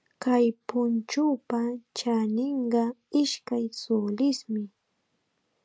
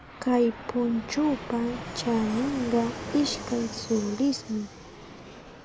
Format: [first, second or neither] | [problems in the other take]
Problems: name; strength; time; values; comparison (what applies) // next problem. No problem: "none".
first | background sound (Fixed-wing aircraft, airplane); 11 dB below the speech